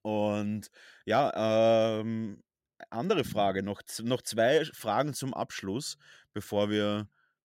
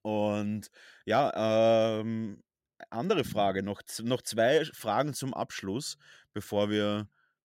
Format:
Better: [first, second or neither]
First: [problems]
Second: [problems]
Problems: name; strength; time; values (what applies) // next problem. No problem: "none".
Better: neither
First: none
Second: none